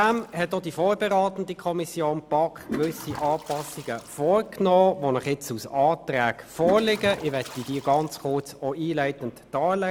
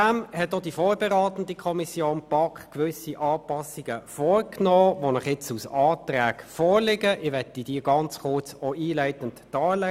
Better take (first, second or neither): second